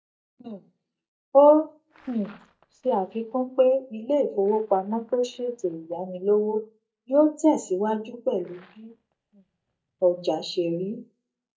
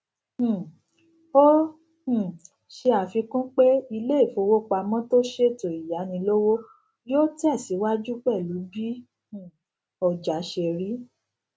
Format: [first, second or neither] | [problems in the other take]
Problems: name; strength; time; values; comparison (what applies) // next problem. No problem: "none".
second | noise reduction (neural mask model DeepFilterNet 3)